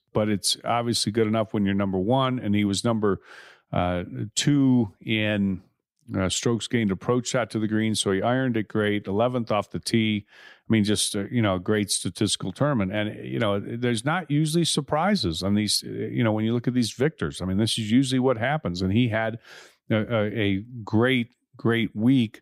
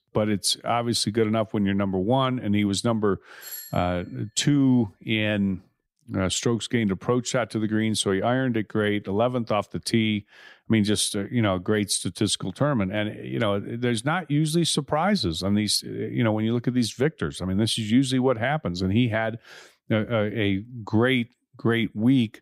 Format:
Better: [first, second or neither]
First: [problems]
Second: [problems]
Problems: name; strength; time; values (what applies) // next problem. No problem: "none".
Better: first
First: none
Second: doorbell; faint; at 3.5 s; peak 10 dB below the speech